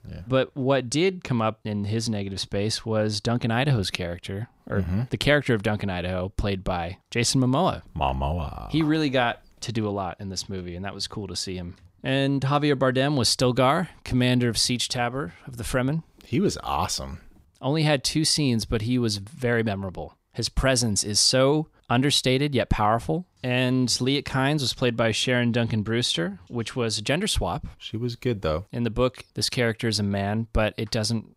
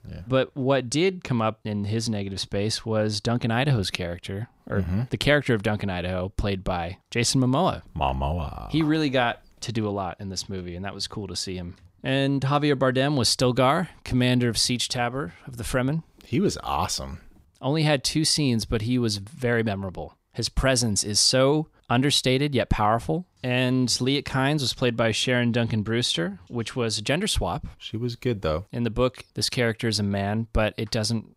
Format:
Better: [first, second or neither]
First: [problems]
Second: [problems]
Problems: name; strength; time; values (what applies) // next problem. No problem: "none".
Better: neither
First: none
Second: none